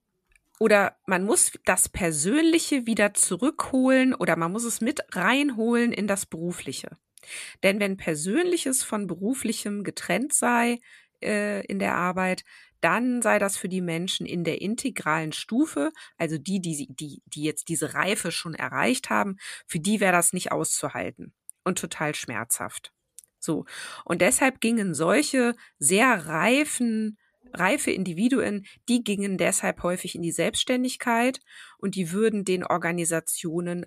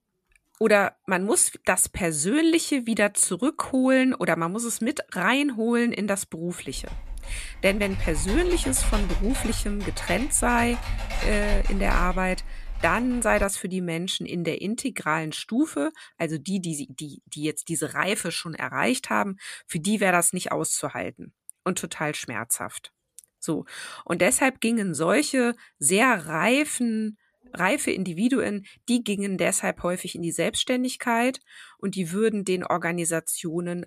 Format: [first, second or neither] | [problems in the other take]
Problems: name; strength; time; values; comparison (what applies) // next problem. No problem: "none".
first | keyboard typing; noticeable; from 7 to 13 s; peak 4 dB below the speech